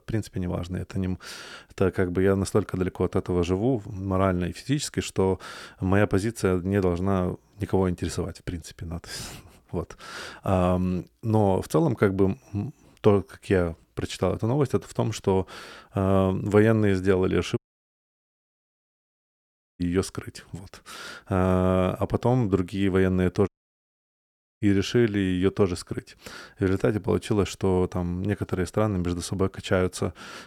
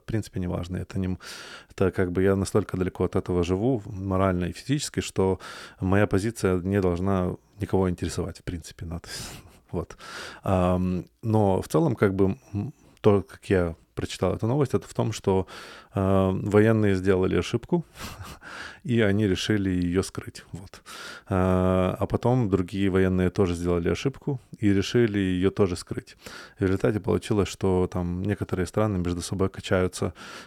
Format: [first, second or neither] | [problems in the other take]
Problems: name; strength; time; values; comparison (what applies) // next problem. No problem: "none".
second | audio cutting out; at 18 s for 2 s and at 23 s for 1 s